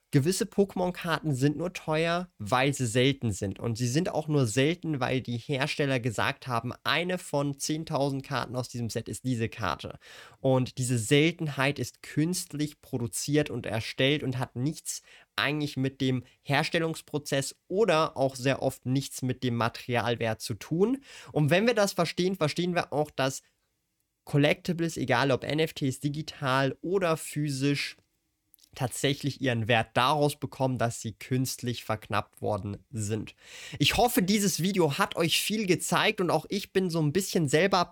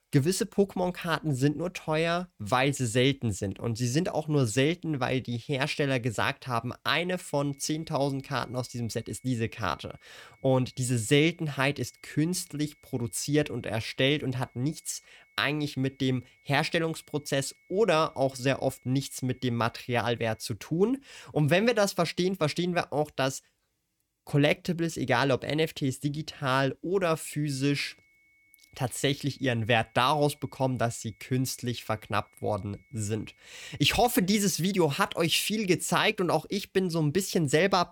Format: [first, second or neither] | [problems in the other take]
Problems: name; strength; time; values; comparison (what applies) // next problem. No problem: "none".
first | high-pitched whine; faint; from 7 to 20 s and from 27 to 34 s; 2 kHz, 35 dB below the speech